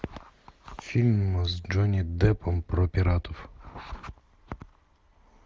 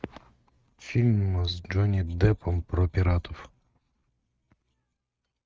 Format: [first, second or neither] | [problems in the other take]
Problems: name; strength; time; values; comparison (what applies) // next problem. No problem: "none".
first | noise reduction (neural mask model RNNoise)